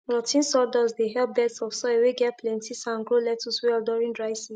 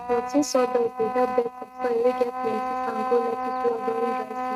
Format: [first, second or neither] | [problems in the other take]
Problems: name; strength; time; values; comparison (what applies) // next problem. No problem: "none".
first | noise reduction (neural mask model RNNoise)